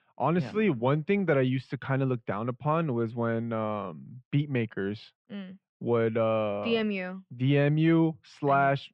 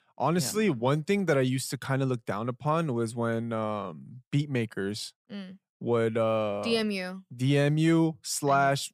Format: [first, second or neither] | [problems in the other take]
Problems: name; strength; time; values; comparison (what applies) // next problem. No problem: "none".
second | muffled; very; fading above 3 kHz